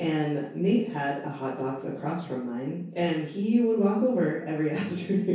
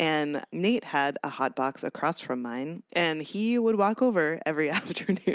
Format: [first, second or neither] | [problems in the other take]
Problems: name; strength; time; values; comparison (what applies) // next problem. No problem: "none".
second | room echo; dies away in 0.6 s